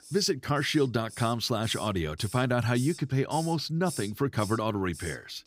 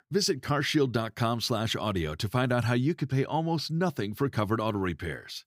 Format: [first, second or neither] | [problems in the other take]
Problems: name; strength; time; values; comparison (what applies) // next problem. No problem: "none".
second | hiss; noticeable; throughout; 15 dB below the speech